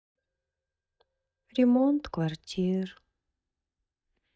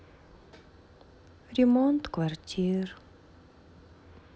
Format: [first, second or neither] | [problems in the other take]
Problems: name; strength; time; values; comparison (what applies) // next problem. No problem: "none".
second | noise reduction (neural mask model DeepFilterNet 3)